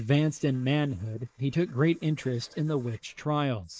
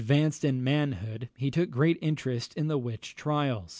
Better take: second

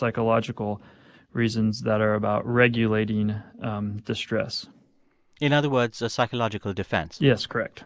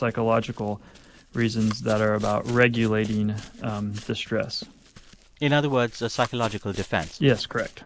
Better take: first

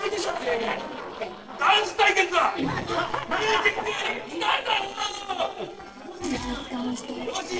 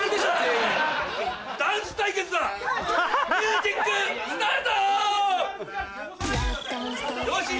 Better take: second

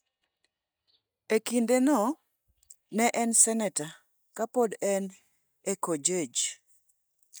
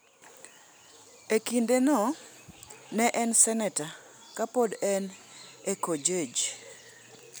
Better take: second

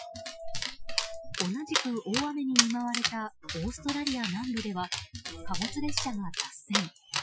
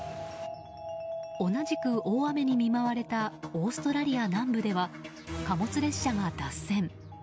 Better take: second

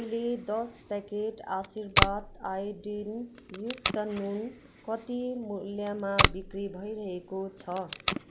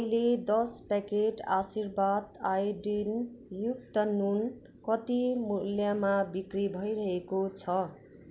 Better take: second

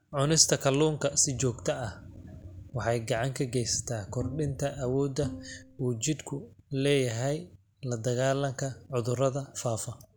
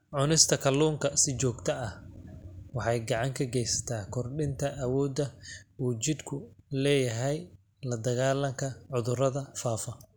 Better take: second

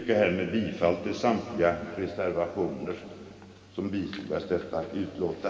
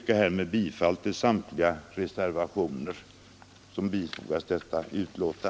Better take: second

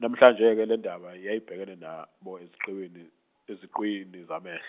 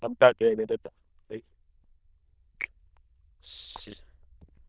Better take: first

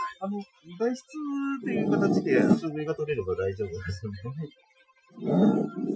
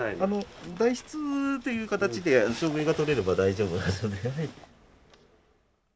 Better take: second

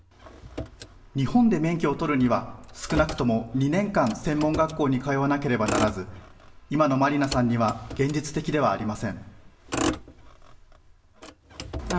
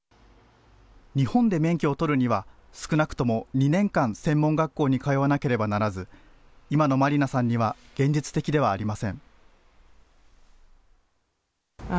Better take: second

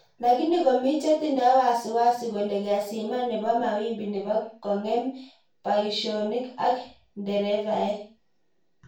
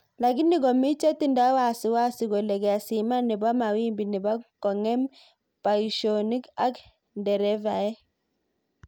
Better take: second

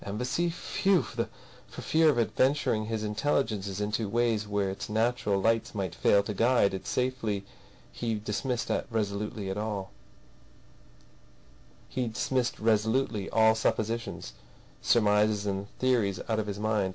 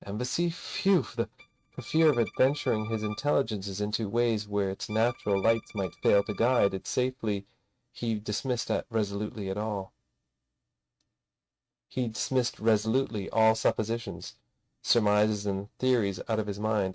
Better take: first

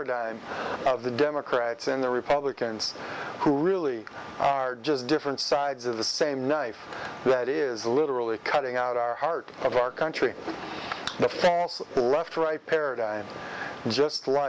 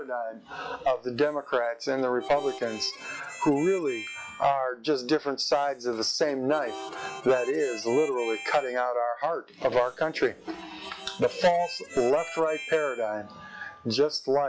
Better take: first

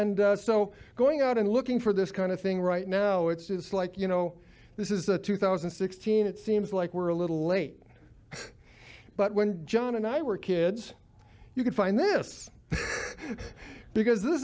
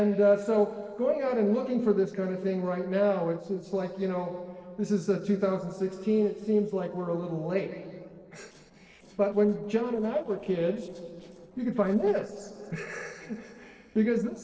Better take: first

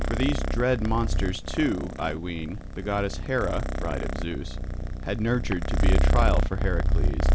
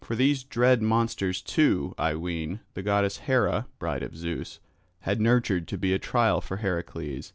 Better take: second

